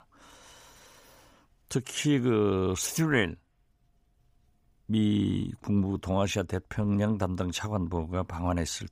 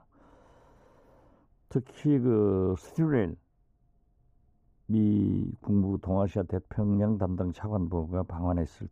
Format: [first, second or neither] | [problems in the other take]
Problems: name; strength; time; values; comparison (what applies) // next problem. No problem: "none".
first | muffled; very; fading above 1.5 kHz